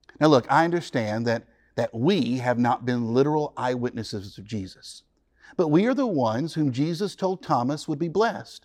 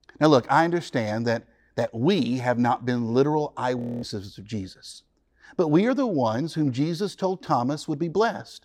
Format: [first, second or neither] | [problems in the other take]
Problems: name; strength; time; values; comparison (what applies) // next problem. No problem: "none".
first | audio freezing; at 4 s